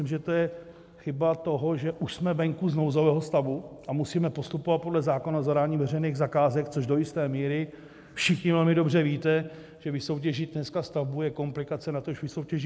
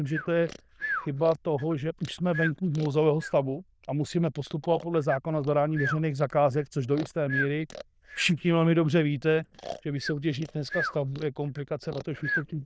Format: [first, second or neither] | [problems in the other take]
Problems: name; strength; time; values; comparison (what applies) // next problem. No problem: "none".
first | noise reduction (neural diffusion model UNIVERSE++)